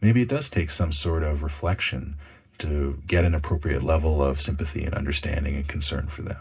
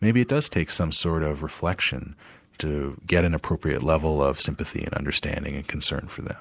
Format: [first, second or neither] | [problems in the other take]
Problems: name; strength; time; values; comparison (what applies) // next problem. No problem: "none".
second | room echo; dies away in 0.4 s